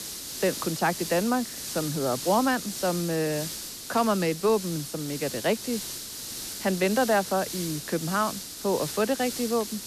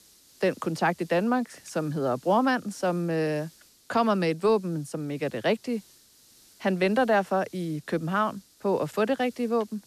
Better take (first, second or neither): second